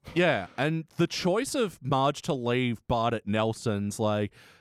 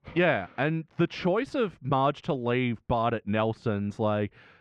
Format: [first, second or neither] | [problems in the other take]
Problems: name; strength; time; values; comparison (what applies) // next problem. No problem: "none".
first | muffled; slightly; fading above 2.5 kHz